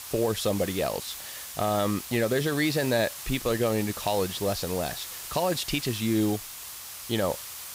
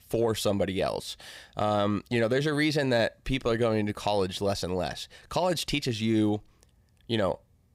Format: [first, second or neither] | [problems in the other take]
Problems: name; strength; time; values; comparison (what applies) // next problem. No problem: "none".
second | hiss; loud; throughout; 9 dB below the speech